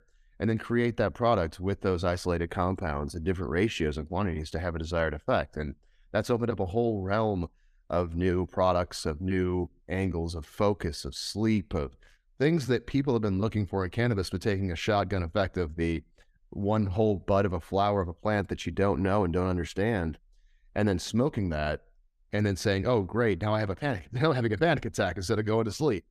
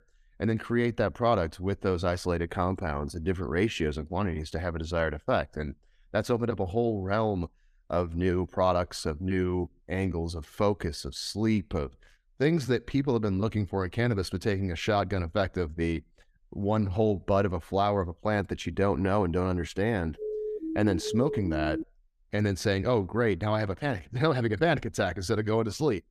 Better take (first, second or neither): first